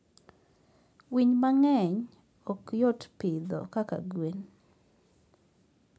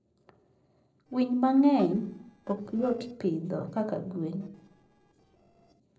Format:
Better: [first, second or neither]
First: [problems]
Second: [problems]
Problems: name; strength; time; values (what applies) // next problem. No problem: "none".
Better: first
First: none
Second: noise reduction (neural separator model SepFormer DNS4)